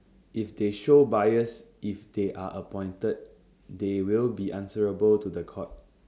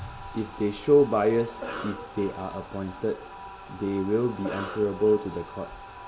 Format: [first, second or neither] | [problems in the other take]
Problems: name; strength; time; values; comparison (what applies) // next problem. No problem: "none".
first | background sound (Bathtub (filling or washing) + Cough); 12 dB below the speech